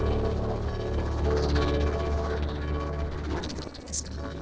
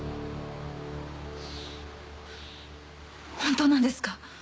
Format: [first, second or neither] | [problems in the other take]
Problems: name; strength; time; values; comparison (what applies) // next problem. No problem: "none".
second | noise reduction (neural separator model SepFormer DNS4)